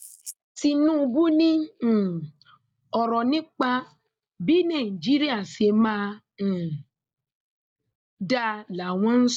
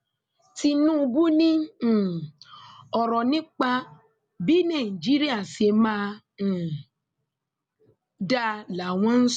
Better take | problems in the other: second | noise reduction (neural mask model DeepFilterNet 3)

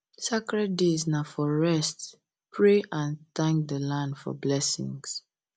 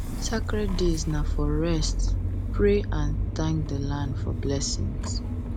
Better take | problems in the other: first | background sound (Engine starting / Motor vehicle (road)); 2 dB above the speech

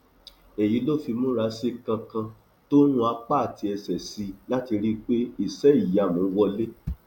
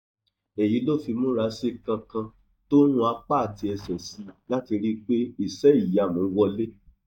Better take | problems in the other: first | noise reduction (neural mask model DeepFilterNet 3)

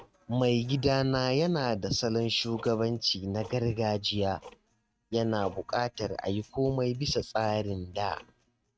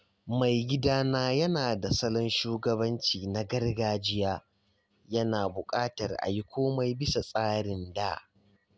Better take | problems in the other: second | noise reduction (neural mask model RNNoise)

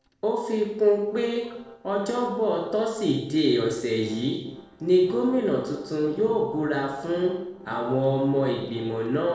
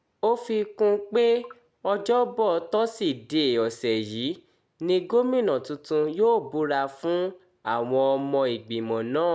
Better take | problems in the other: second | noise reduction (neural separator model SepFormer DNS4)

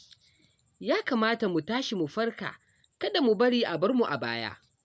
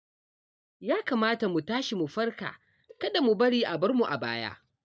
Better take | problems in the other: first | noise reduction (neural mask model DeepFilterNet 3)

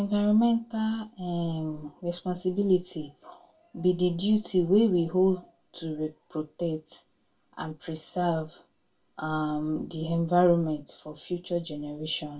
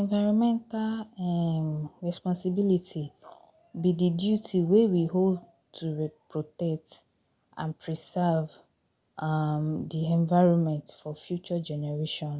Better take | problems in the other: second | room echo; dies away in 0.2 s

